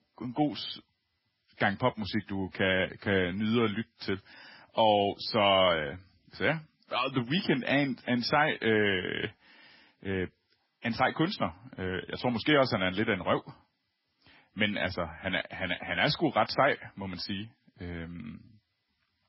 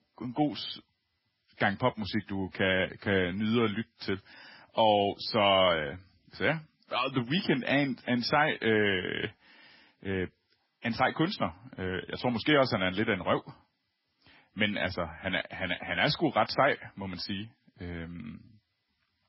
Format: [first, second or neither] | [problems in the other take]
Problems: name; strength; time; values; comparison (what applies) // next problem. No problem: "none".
neither | garbled, watery; badly; nothing above 5.5 kHz; the same in both